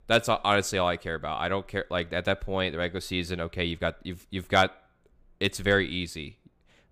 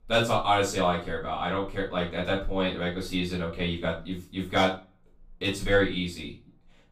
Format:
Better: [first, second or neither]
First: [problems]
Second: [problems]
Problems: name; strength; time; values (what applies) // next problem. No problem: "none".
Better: first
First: none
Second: off-mic speech; far // room echo; slight; dies away in 0.3 s